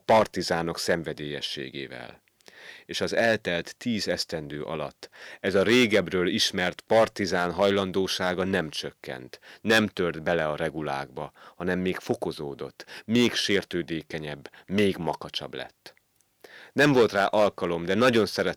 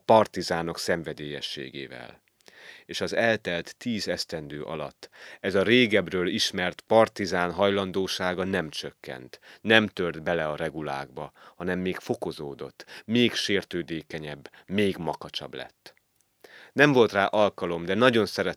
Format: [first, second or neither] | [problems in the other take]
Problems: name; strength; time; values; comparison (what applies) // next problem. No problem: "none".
second | distortion; slight; 1.3% of the sound clipped